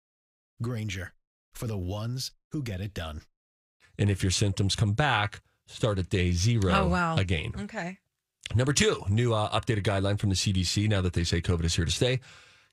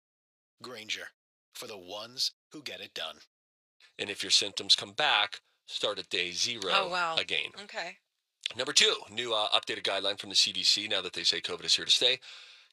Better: first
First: none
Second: thin; very; fading below 550 Hz

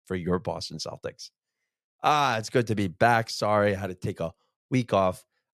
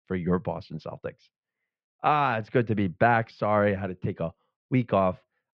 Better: first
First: none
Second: muffled; very; fading above 3 kHz

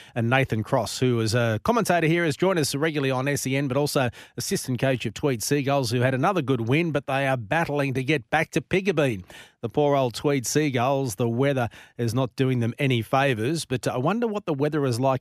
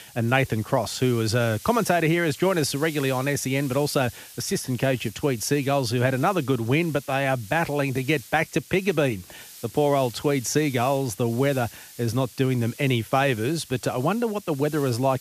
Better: first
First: none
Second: hiss; noticeable; throughout; 20 dB below the speech

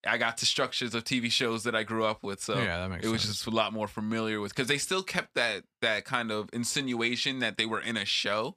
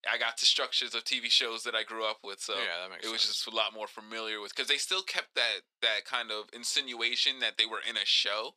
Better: first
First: none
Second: thin; very; fading below 400 Hz

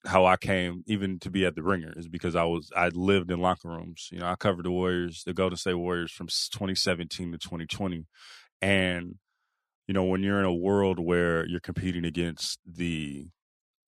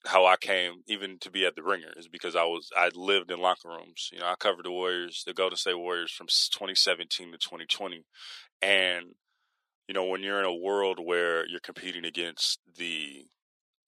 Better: first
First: none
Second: thin; very; fading below 400 Hz

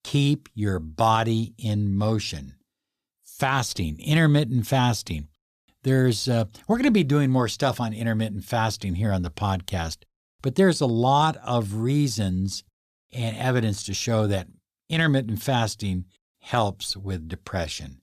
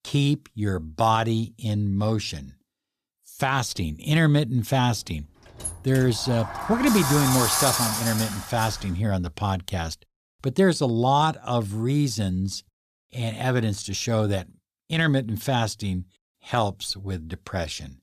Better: first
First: none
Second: door banging; loud; from 5.5 to 9 s; peak 4 dB above the speech

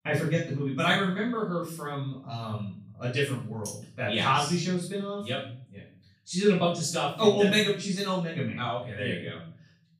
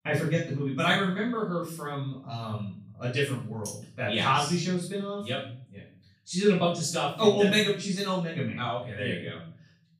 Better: neither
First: off-mic speech; far // room echo; noticeable; dies away in 0.7 s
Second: off-mic speech; far // room echo; noticeable; dies away in 0.7 s

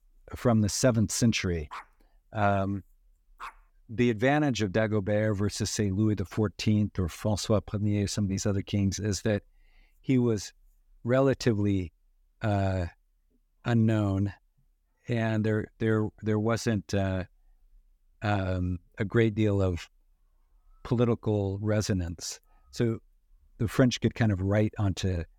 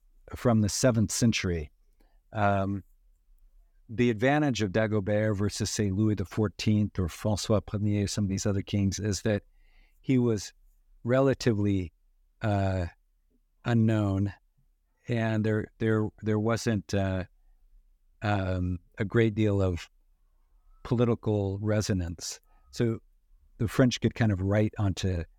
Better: second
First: dog barking; faint; from 1.5 to 3.5 s; peak 15 dB below the speech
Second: none

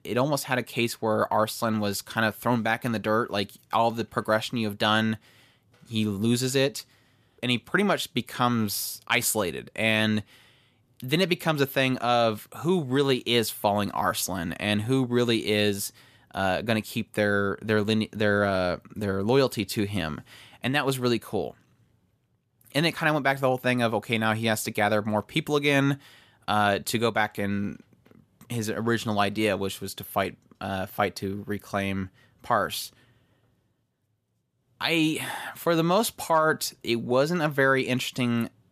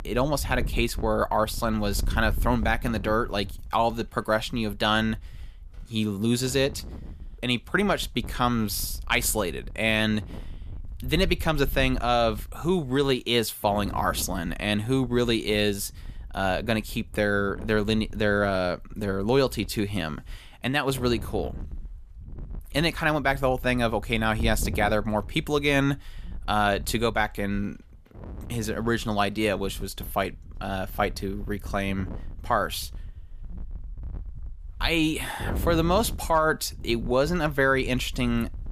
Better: first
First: none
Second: wind noise on the microphone; occasional gusts; 25 dB below the speech

